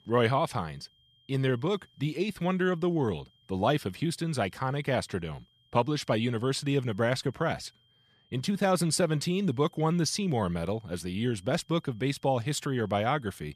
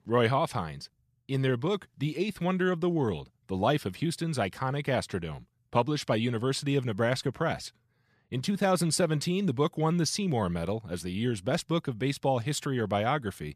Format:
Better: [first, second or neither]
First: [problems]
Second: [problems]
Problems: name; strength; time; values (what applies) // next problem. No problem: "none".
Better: second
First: high-pitched whine; faint; throughout; 3 kHz, 35 dB below the speech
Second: none